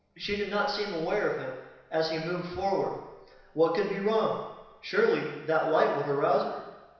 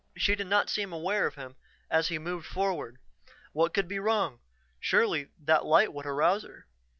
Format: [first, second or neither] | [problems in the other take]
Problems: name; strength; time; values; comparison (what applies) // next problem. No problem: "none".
second | room echo; dies away in 1 s